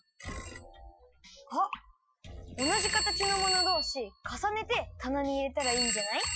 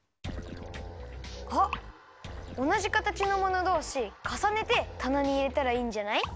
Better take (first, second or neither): second